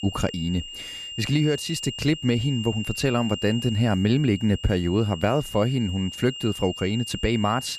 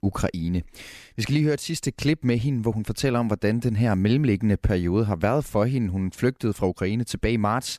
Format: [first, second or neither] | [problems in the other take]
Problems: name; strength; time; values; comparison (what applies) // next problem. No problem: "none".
second | high-pitched whine; loud; throughout; 3 kHz, 10 dB below the speech